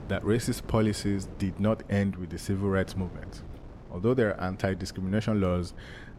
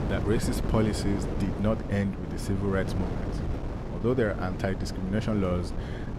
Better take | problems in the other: first | wind noise on the microphone; heavy; 6 dB below the speech; occasional gusts in the first

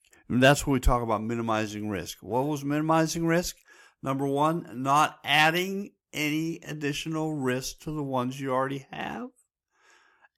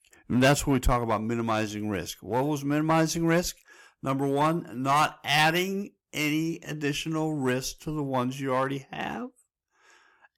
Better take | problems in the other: first | distortion; slight; 3% of the sound clipped

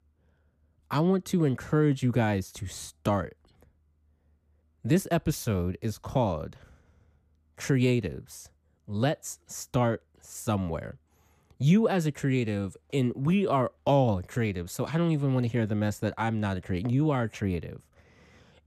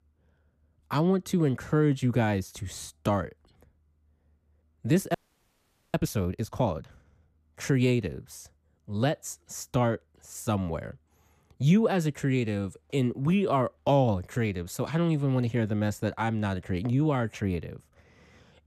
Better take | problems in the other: first | audio freezing; at 5 s for 1 s

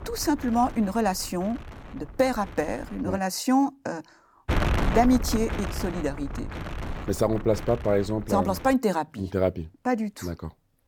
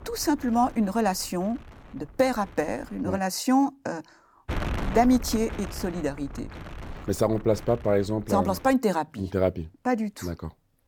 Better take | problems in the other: second | wind noise on the microphone; heavy; until 3 s and from 4.5 to 8.5 s; 10 dB below the speech; occasional gusts in the second

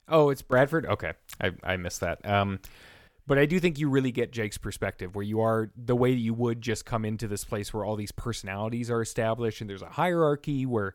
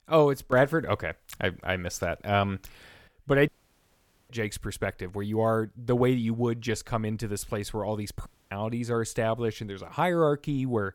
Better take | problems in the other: first | audio cutting out; at 3.5 s for 1 s and at 8.5 s

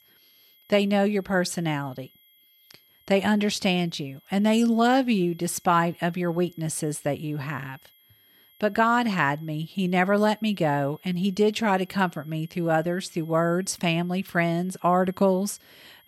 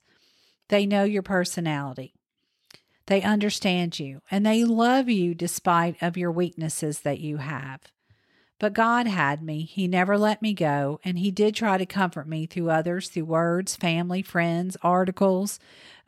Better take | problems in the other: second | high-pitched whine; faint; throughout; 3.5 kHz, 30 dB below the speech

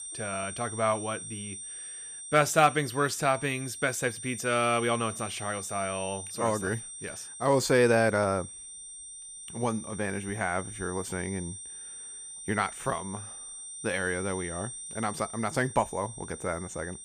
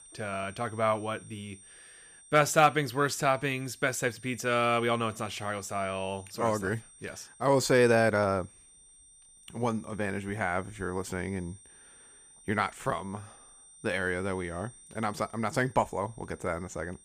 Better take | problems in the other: second | high-pitched whine; loud; throughout; 8.5 kHz, 10 dB below the speech; faint in the second

